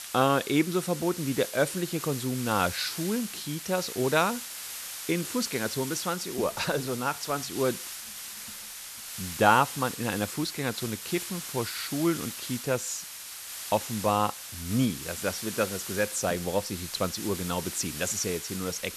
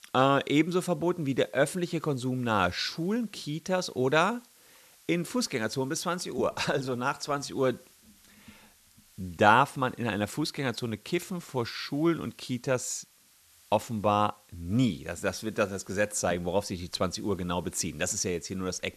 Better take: second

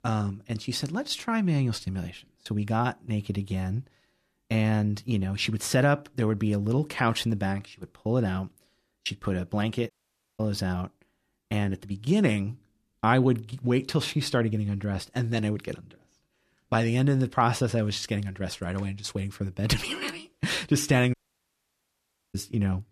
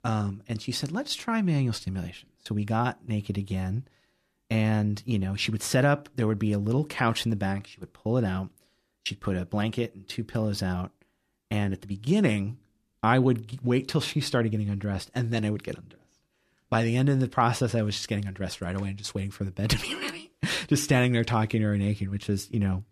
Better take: second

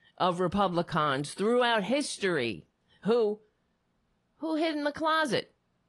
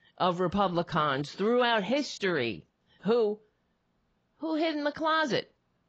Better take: first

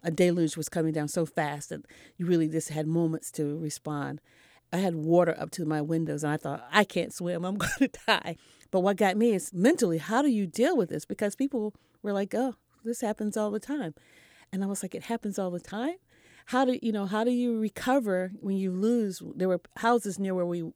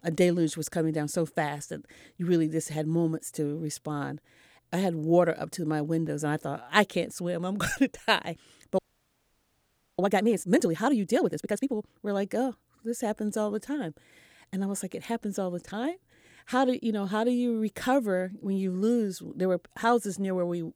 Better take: first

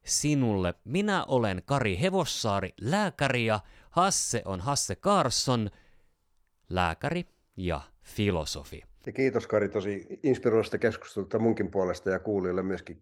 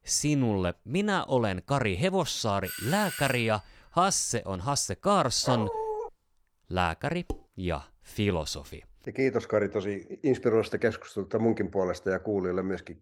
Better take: first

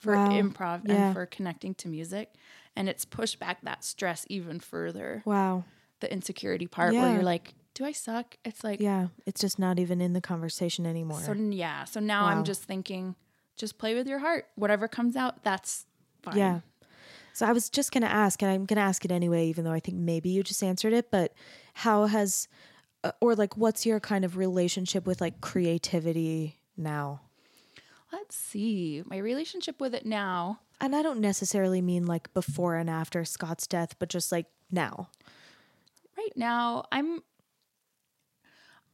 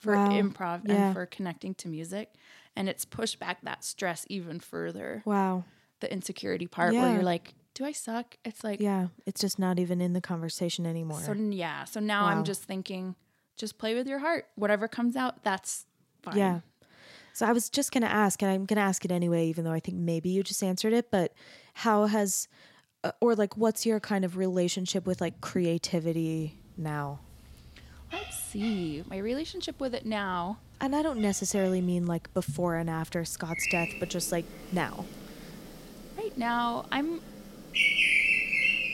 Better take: first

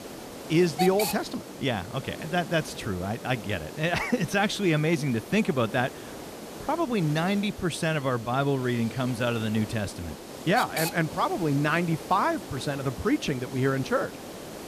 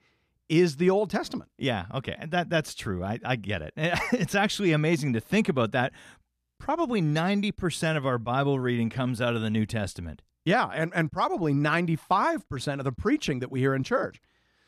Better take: second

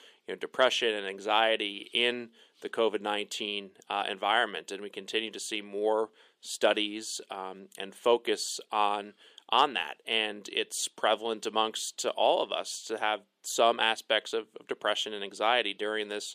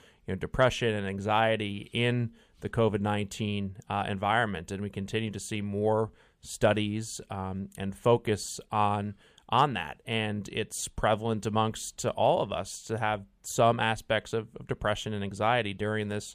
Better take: second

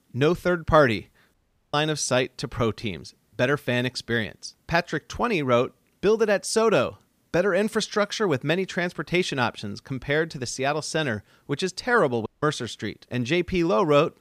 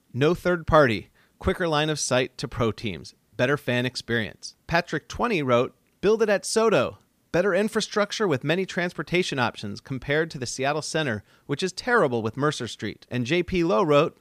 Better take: second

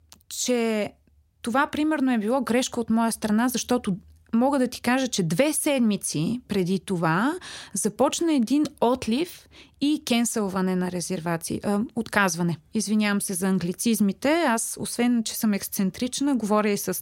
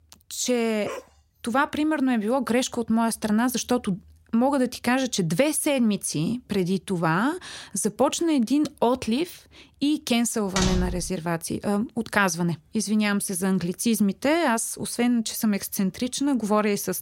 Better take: first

